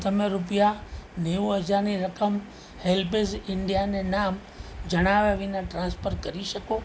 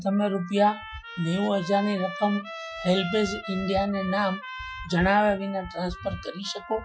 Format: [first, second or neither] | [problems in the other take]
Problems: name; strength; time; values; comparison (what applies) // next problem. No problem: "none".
first | noise reduction (classical method Wiener filter)